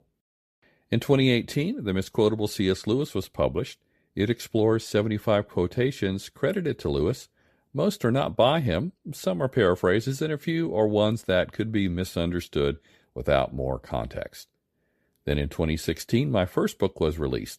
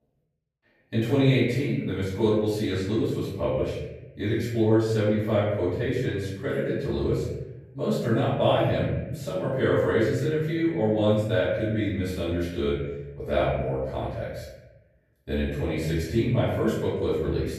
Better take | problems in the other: first | room echo; noticeable; dies away in 1 s // off-mic speech; far

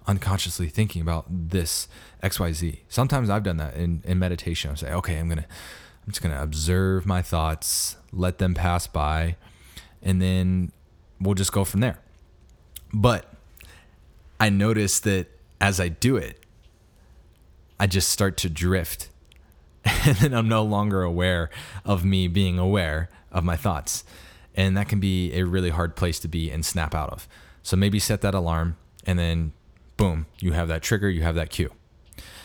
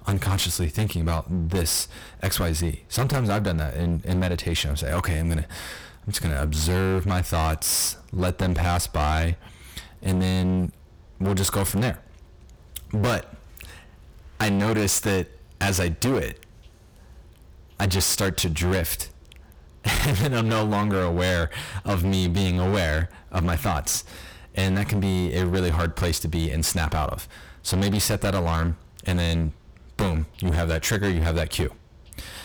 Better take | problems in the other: first | distortion; heavy; 21% of the sound clipped

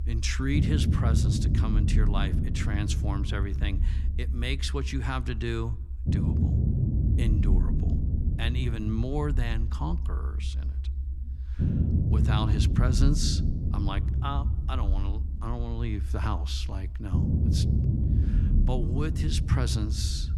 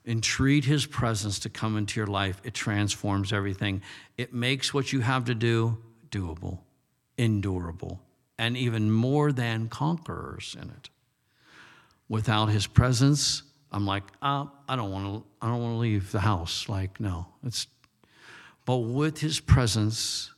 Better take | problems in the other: second | low rumble; loud; throughout; 4 dB below the speech

